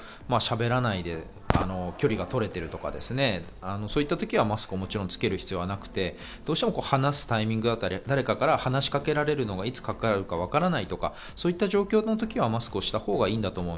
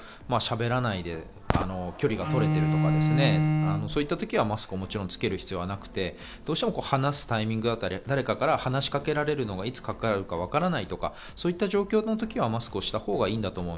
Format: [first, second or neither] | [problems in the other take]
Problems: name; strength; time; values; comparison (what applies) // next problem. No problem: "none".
first | background sound (Bowed string instrument); 1 dB above the speech